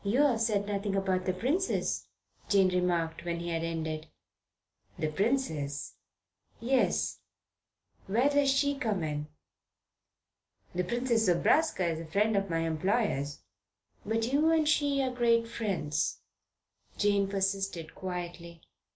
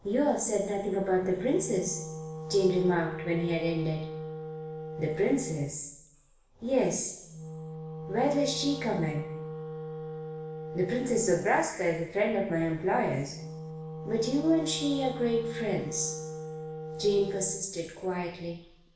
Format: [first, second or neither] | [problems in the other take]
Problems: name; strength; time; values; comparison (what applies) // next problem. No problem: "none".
first | background sound (Wind instrument, woodwind instrument); 10 dB below the speech // room echo; dies away in 0.8 s